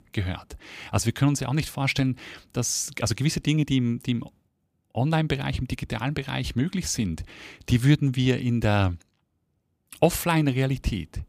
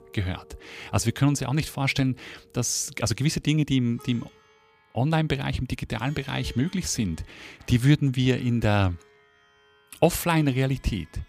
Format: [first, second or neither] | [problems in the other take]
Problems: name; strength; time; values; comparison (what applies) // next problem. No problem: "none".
first | background music; faint; throughout; 30 dB below the speech